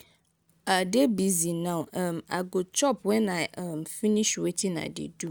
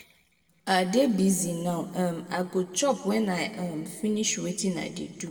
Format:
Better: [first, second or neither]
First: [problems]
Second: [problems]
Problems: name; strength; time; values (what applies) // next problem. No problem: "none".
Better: first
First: none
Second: room echo; dies away in 1.7 s